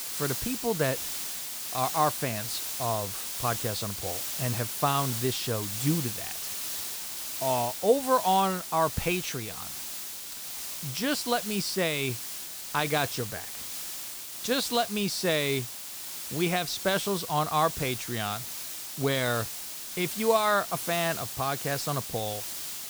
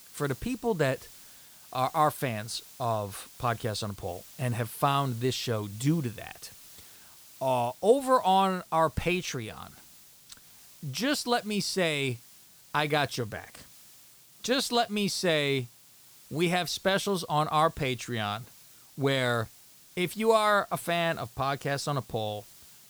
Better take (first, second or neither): second